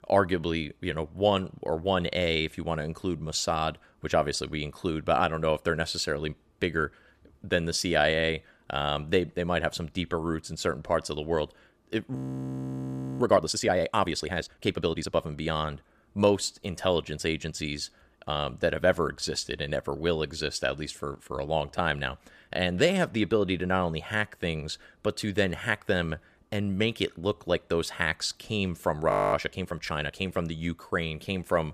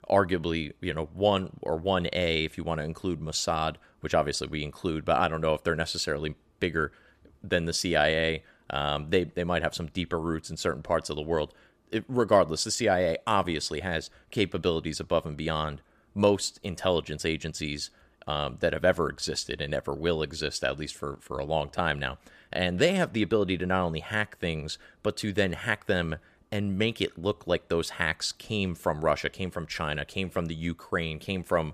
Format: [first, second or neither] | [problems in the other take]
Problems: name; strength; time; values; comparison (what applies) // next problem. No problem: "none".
second | audio freezing; at 12 s for 1 s and at 29 s